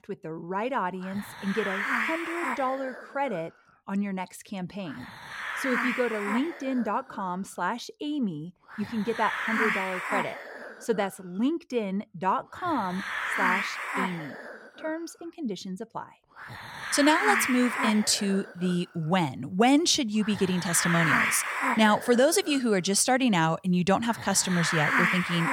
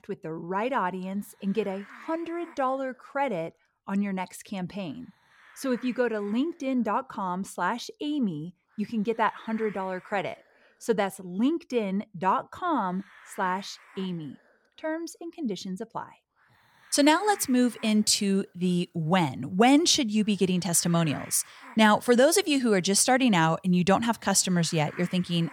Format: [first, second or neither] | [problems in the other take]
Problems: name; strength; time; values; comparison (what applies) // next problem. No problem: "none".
second | hiss; loud; throughout; 2 dB below the speech; faint in the second